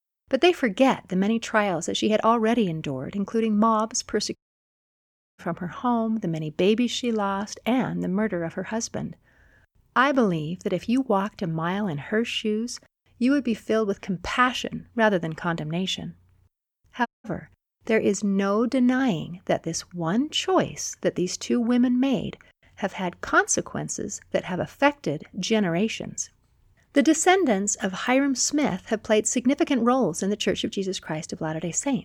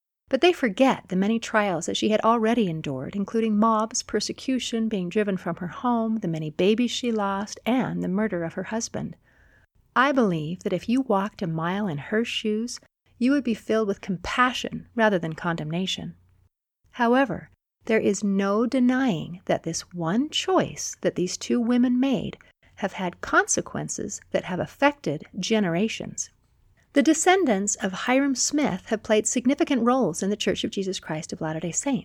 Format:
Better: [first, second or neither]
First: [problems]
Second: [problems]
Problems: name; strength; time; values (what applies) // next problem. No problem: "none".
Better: second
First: audio cutting out; at 4.5 s for 1 s and at 17 s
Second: none